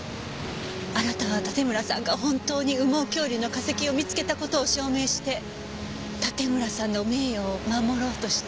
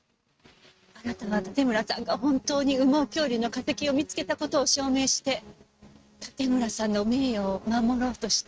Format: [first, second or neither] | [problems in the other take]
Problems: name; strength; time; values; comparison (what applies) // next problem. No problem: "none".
first | noise reduction (neural mask model RNNoise)